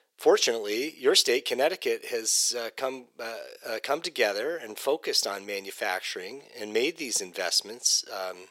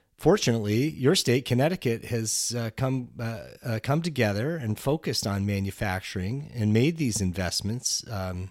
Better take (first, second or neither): second